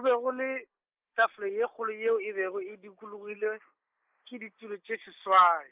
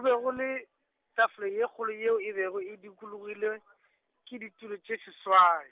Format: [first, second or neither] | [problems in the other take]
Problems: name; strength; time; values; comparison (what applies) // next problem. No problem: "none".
second | noise reduction (neural mask model Resemble Enhance denoiser)